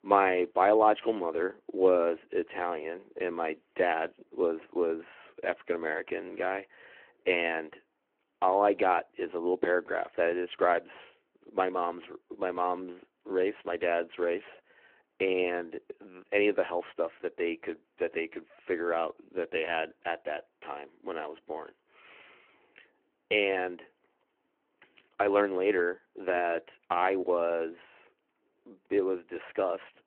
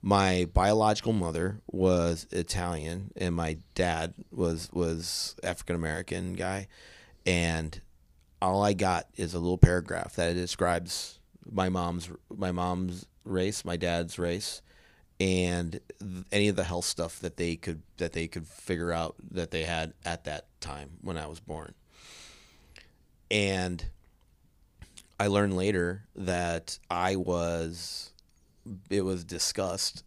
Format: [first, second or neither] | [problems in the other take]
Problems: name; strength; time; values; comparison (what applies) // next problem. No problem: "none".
second | phone-call audio